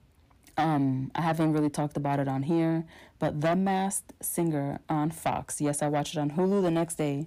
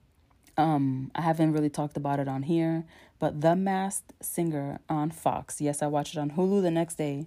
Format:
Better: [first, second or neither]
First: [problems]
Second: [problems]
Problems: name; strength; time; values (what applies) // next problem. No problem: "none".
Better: second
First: distortion; slight; 10 dB below the speech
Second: none